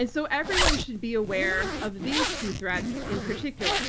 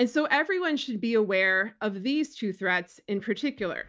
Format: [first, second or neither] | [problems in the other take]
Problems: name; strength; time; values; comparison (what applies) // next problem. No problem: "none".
second | background sound (Zipper (clothing)); as loud as the speech